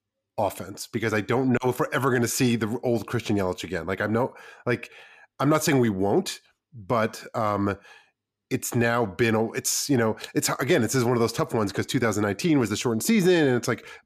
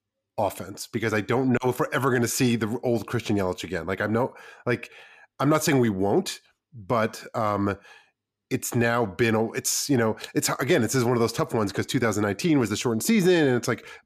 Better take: neither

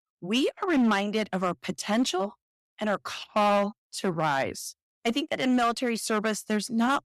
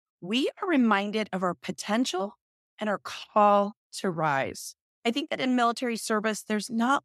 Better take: second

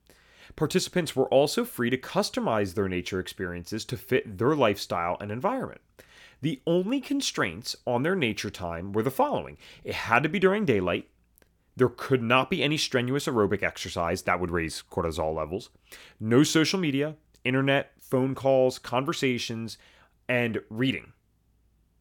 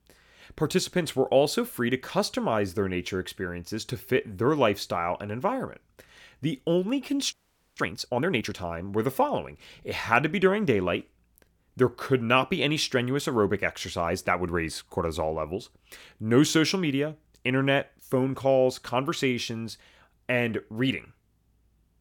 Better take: first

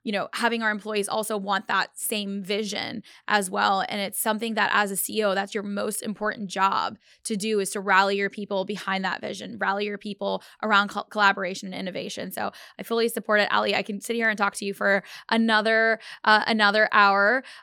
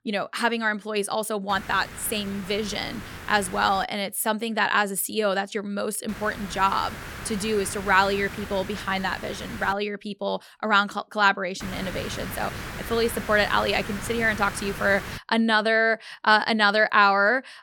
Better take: first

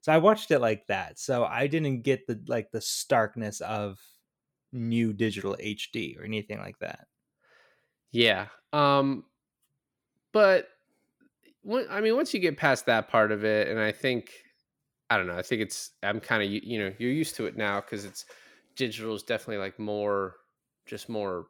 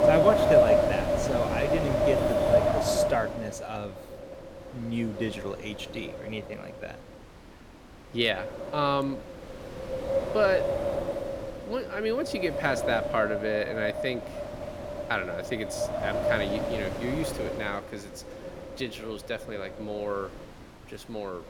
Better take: first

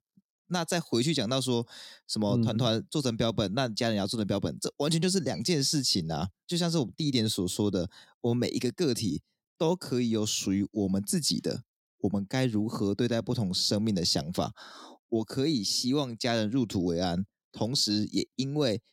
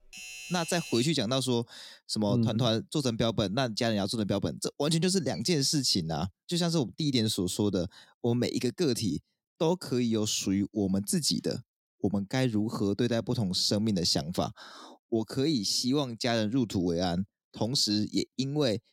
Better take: first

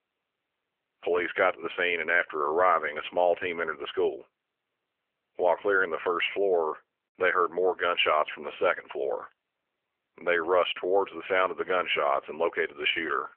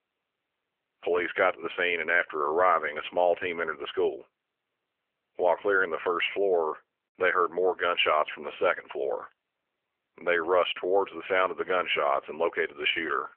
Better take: neither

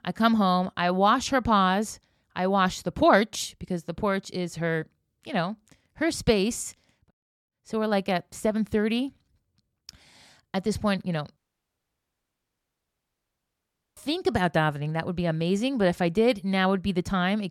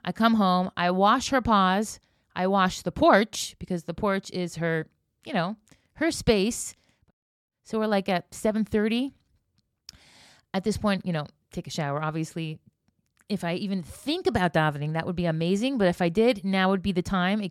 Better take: second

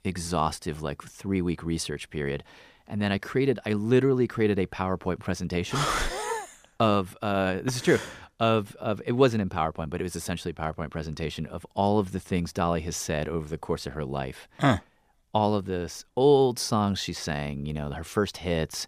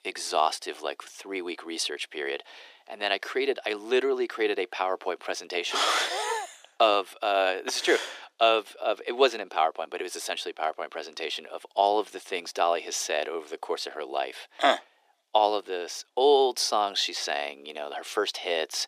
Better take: first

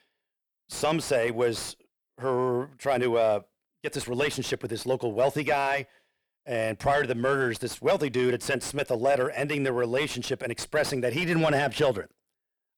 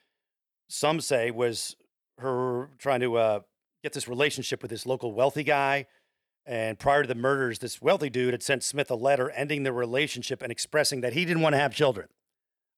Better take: second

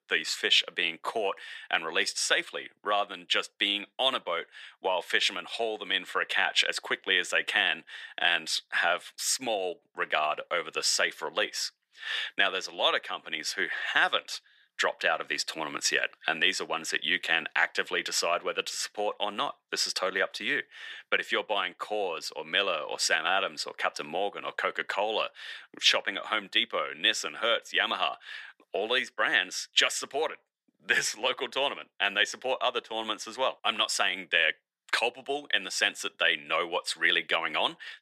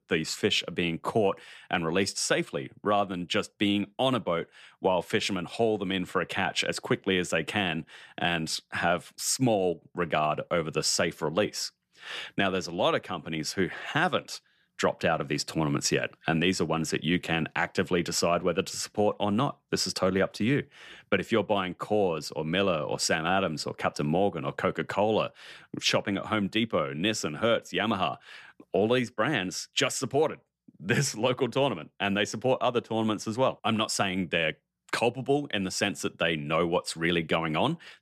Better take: second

